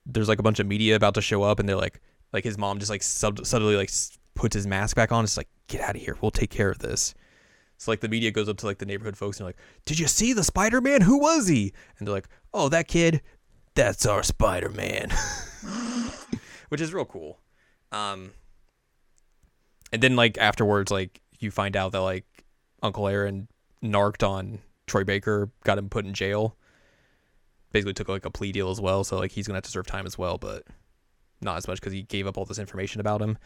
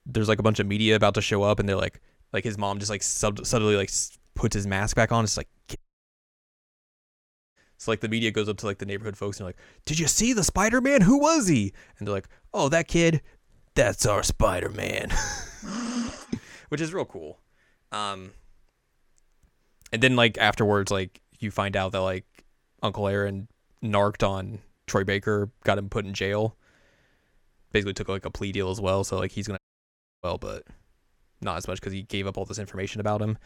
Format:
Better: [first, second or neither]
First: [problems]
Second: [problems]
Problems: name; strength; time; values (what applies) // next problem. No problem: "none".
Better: first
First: none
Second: audio cutting out; at 6 s for 2 s and at 30 s for 0.5 s